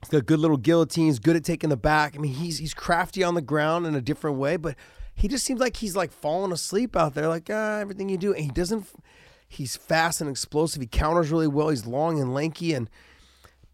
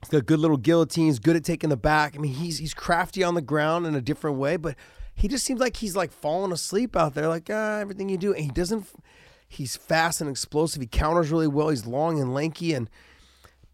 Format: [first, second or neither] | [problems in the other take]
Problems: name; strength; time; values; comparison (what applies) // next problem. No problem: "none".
neither | none